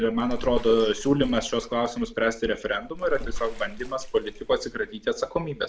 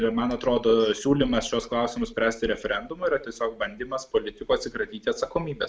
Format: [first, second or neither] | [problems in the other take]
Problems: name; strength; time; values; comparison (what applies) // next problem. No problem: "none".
second | background sound (Bathtub (filling or washing) / Water / Splash, splatter); 9 dB below the speech